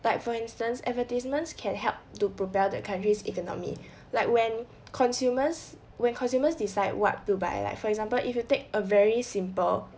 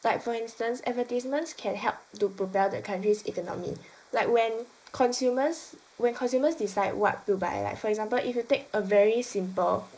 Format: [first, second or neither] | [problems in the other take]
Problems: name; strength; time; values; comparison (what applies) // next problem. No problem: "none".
first | noise reduction (neural mask model Resemble Enhance denoiser)